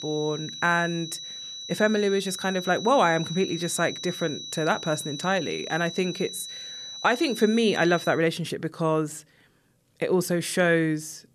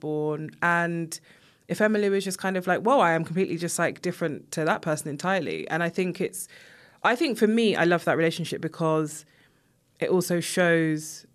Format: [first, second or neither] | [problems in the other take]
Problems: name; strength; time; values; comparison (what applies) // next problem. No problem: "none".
second | high-pitched whine; loud; until 8 s; 4 kHz, 10 dB below the speech